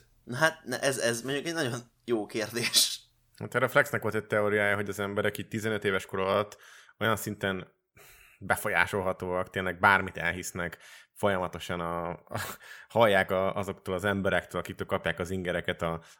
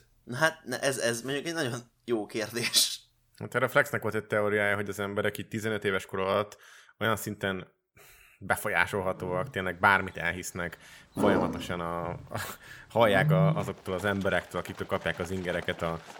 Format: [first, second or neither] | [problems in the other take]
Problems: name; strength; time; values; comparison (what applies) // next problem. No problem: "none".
first | animal sounds; loud; from 9.5 s on; 3 dB below the speech